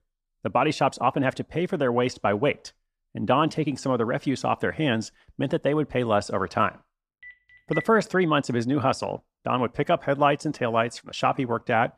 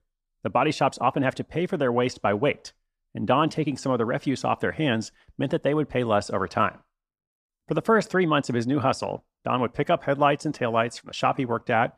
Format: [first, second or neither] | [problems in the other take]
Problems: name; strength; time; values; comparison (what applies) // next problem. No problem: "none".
second | phone ringing; noticeable; at 7 s; peak 10 dB below the speech